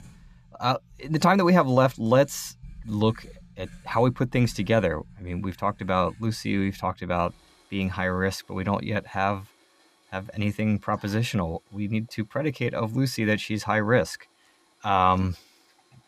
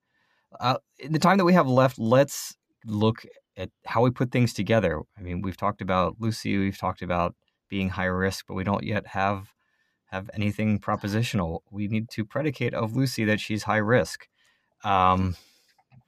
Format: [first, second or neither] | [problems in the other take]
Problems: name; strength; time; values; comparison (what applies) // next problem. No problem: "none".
second | household noises; faint; throughout; 30 dB below the speech